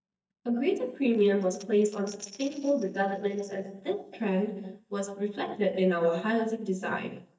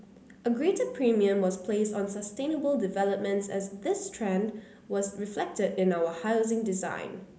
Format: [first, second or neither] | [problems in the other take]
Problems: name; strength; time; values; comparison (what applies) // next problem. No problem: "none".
second | noise reduction (neural mask model DeepFilterNet 3)